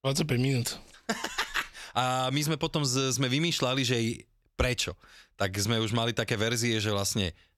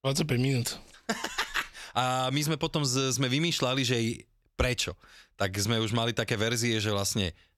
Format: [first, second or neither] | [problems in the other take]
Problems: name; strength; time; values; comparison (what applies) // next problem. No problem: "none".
neither | none